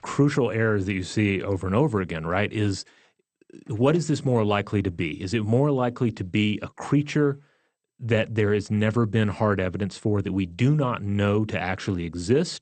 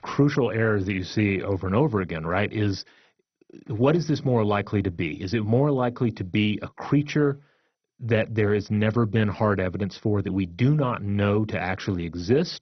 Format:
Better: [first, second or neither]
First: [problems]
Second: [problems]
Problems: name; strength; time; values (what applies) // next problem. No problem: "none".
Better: first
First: garbled, watery; slightly; nothing above 8.5 kHz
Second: garbled, watery; badly; nothing above 6 kHz